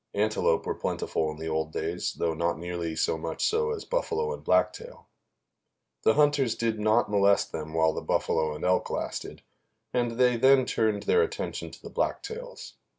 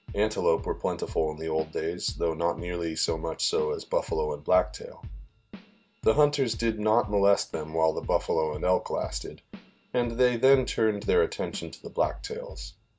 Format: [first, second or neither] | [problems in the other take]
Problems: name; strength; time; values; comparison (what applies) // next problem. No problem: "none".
first | background sound (Drum / Drum kit); 14 dB below the speech